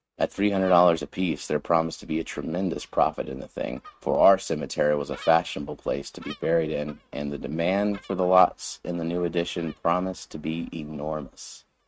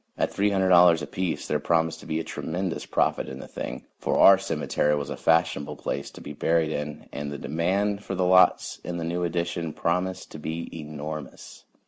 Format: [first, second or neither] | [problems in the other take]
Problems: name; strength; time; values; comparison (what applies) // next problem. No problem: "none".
second | noise reduction (neural mask model RNNoise)